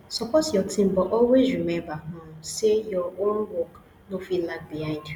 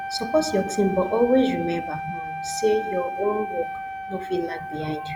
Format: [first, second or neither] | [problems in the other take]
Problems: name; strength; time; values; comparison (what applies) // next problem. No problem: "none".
first | background sound (Wind instrument, woodwind instrument); 7 dB below the speech